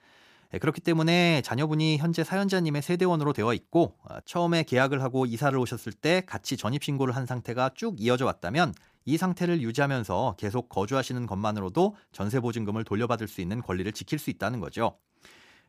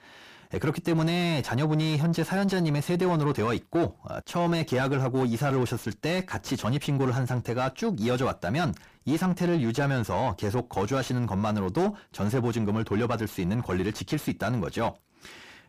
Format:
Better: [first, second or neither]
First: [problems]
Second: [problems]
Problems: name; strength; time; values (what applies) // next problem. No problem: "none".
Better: first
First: none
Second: distortion; heavy; 7 dB below the speech